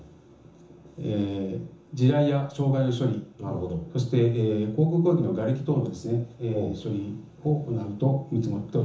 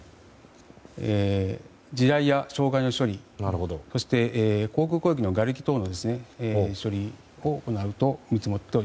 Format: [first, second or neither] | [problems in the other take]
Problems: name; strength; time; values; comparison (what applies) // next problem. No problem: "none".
second | room echo; dies away in 0.7 s